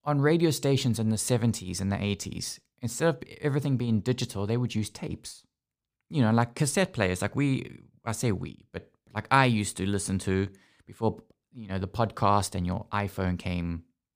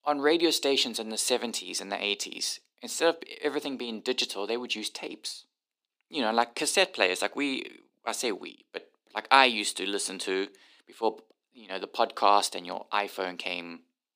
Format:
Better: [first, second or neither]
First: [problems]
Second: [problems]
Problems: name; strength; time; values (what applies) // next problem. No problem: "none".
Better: first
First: none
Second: thin; somewhat; fading below 300 Hz